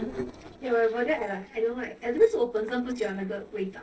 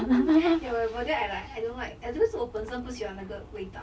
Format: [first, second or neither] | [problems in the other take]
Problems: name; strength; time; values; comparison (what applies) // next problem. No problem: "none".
second | noise reduction (neural separator model SepFormer DNS4)